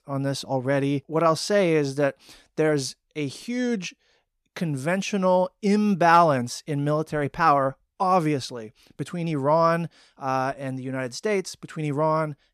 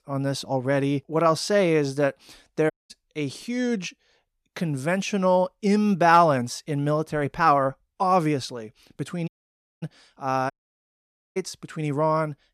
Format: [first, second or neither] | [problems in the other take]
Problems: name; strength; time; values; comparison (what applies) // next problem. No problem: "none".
first | audio cutting out; at 2.5 s, at 9.5 s for 0.5 s and at 11 s for 1 s